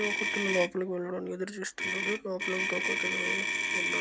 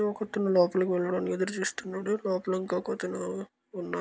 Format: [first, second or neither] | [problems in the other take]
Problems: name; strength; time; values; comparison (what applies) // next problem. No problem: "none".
second | background sound (Motor vehicle (road)); 2 dB above the speech